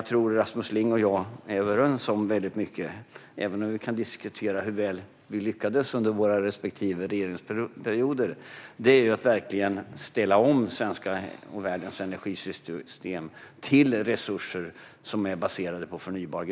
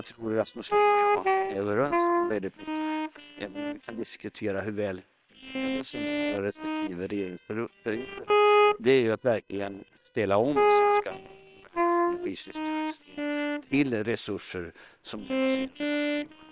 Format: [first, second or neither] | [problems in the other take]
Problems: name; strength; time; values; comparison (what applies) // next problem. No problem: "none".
first | noise reduction (neural separator model SepFormer WHAM!)